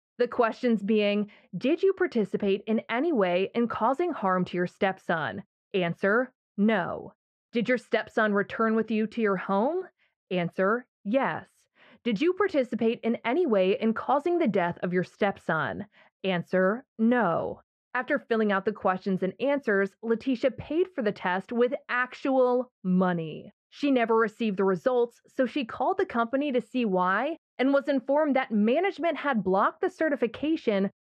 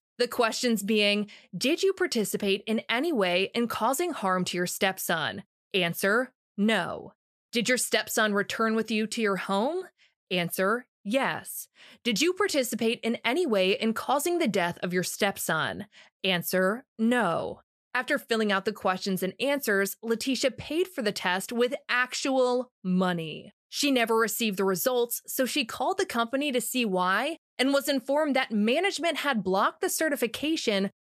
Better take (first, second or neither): second